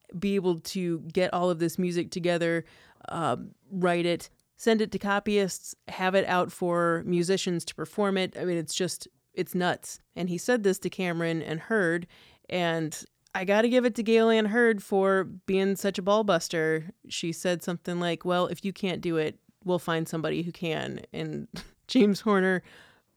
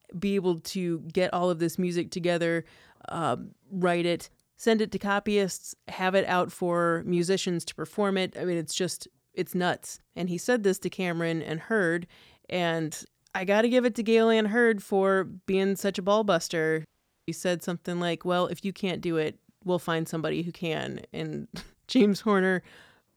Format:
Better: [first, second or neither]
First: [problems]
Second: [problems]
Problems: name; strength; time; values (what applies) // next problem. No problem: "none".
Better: first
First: none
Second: audio cutting out; at 17 s